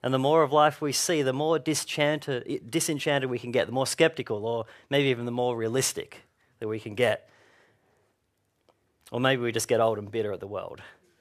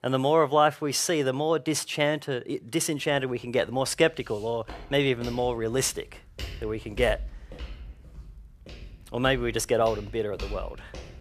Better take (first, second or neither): first